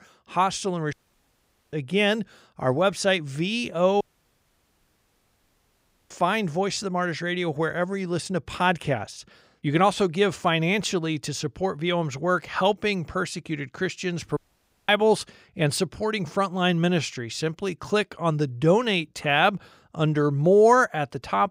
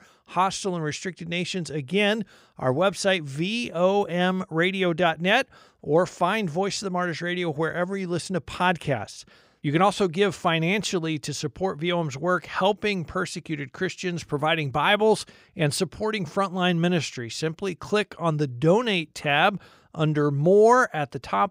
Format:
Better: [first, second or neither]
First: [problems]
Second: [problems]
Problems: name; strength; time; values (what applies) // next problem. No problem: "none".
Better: second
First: audio cutting out; at 1 s for 1 s, at 4 s for 2 s and at 14 s for 0.5 s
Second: none